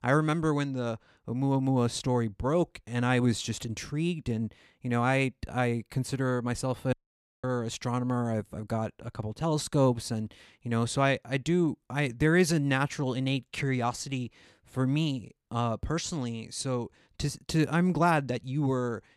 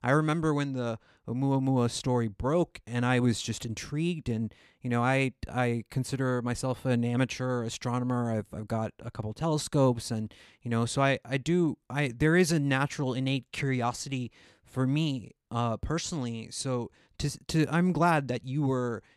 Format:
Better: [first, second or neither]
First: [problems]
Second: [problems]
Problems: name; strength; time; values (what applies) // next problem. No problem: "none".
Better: second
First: audio cutting out; at 7 s for 0.5 s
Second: none